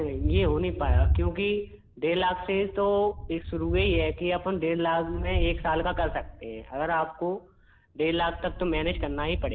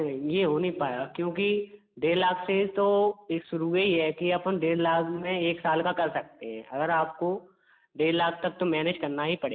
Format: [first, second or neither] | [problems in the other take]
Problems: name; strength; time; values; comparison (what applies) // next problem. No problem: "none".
second | background sound (Thunder); 3 dB below the speech